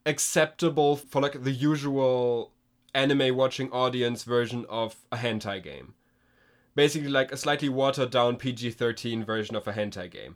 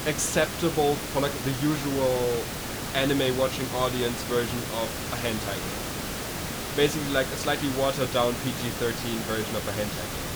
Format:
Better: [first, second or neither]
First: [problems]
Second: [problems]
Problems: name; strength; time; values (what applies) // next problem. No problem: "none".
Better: first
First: none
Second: hiss; loud; throughout; 4 dB below the speech